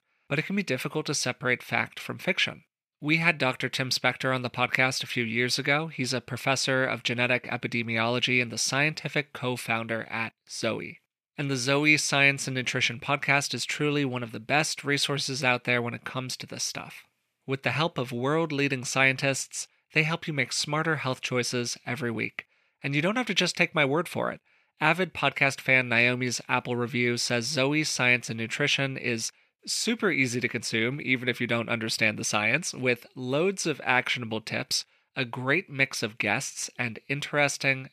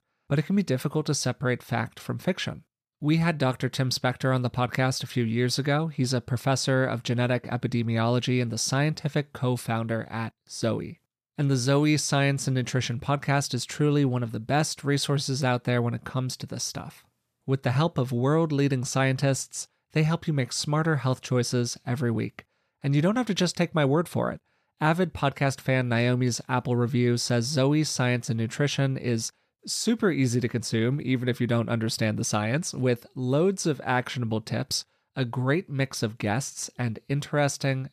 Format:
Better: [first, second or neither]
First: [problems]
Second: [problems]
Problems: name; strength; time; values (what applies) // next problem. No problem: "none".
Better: second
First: thin; very slightly; fading below 300 Hz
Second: none